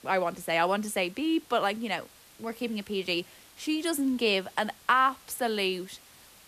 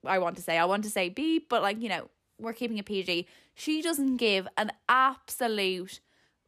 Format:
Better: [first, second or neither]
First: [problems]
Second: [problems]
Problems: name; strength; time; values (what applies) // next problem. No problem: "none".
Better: second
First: hiss; faint; throughout; 25 dB below the speech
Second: none